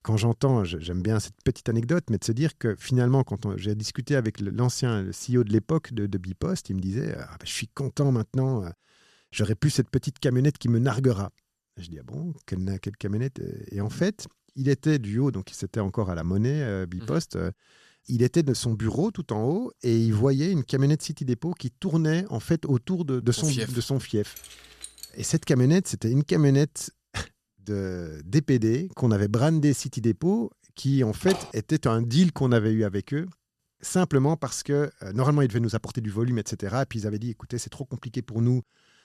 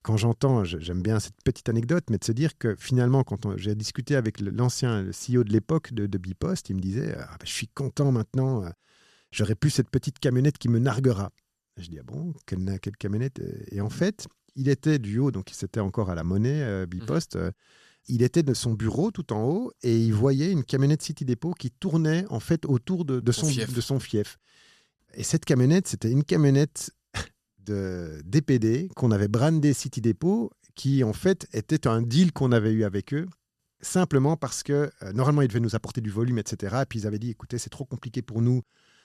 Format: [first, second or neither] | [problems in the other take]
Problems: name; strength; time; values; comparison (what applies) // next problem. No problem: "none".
second | jangling keys; faint; from 24 to 25 s; peak 15 dB below the speech // door banging; noticeable; at 31 s; peak 8 dB below the speech